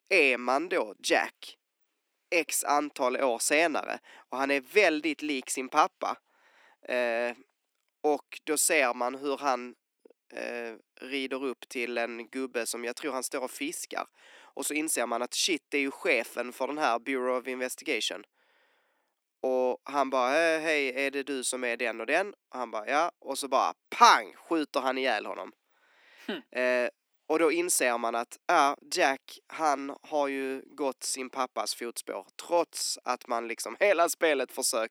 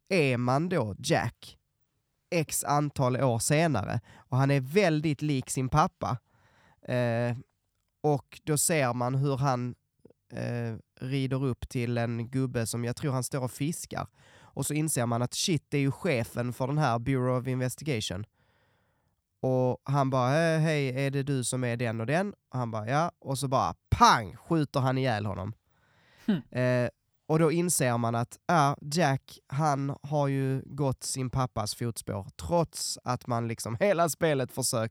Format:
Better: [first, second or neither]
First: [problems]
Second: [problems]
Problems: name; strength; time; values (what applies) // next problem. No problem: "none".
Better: second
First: thin; somewhat; fading below 300 Hz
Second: none